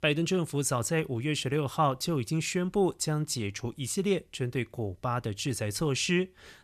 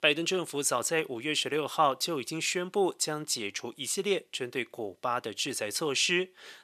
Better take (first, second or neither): first